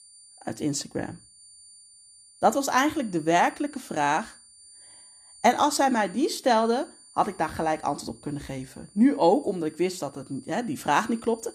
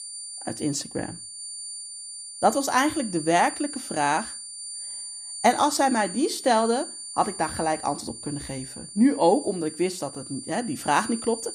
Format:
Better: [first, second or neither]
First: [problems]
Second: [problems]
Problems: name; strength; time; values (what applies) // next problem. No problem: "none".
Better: first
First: high-pitched whine; faint; throughout; 9 kHz, 25 dB below the speech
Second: high-pitched whine; loud; throughout; 9 kHz, 10 dB below the speech